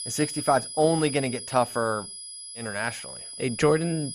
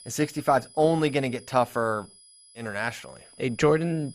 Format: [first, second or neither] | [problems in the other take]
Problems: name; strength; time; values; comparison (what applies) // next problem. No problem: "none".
second | high-pitched whine; loud; throughout; 10 kHz, 9 dB below the speech; faint in the second